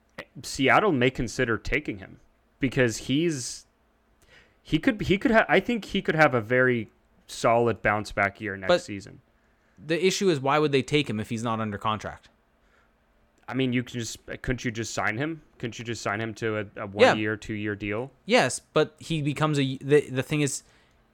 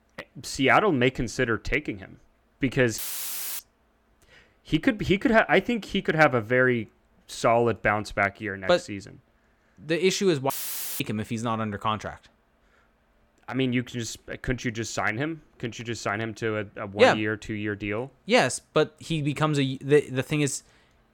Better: first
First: none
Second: audio cutting out; filled with static; at 3 s for 0.5 s and at 11 s for 0.5 s

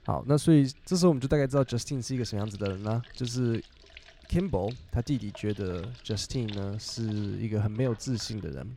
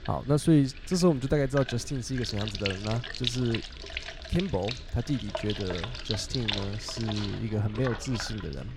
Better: first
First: household noises; faint; throughout; 20 dB below the speech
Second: household noises; loud; throughout; 7 dB below the speech

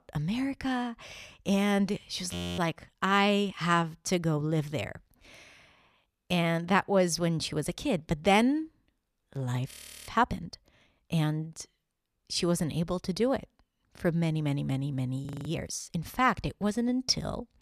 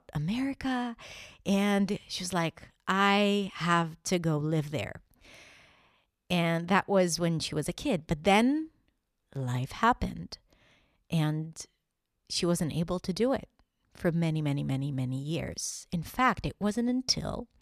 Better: second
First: audio freezing; at 2.5 s, at 9.5 s and at 15 s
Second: none

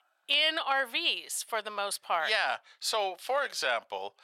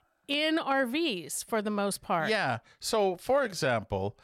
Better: second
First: thin; very; fading below 800 Hz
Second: none

